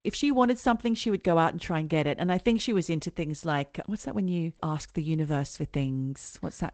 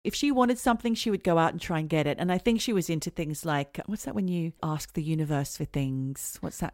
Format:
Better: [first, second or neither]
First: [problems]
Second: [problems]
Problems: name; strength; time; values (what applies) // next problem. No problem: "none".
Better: second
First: garbled, watery; slightly; nothing above 8 kHz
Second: none